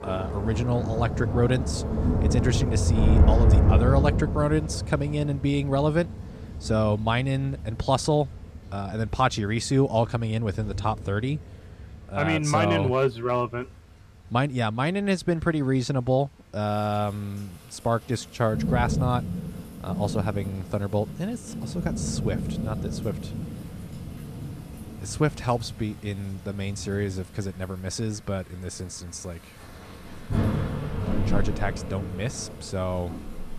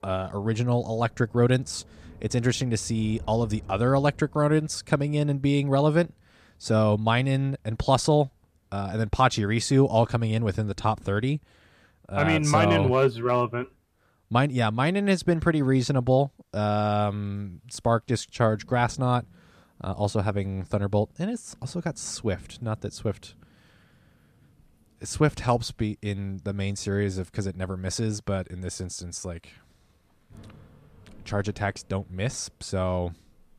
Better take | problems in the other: second | rain or running water; loud; throughout; 1 dB below the speech; faint in the second

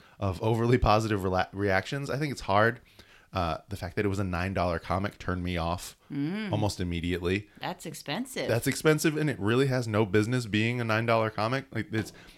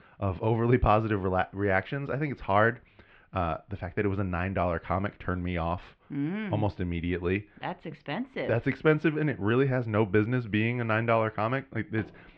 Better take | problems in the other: first | muffled; very; fading above 2.5 kHz

